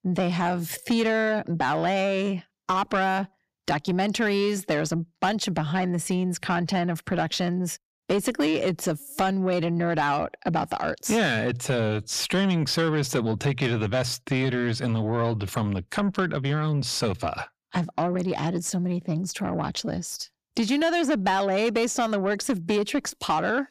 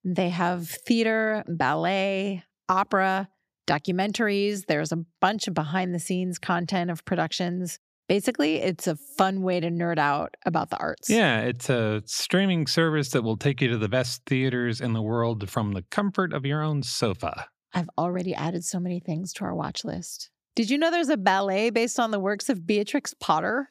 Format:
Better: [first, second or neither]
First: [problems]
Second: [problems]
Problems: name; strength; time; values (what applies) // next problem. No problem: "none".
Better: second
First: distortion; slight; 10 dB below the speech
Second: none